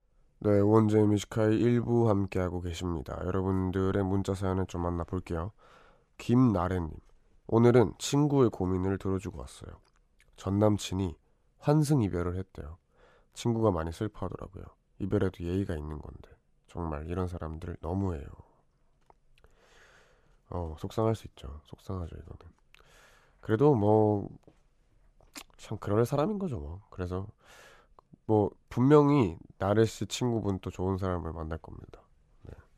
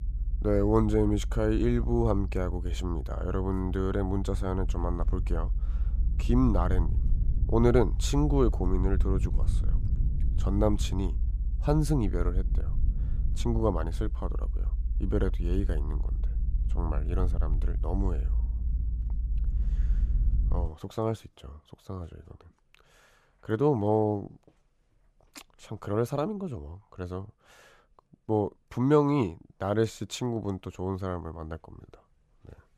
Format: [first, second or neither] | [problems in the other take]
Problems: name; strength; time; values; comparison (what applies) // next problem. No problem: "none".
first | low rumble; noticeable; until 21 s; 20 dB below the speech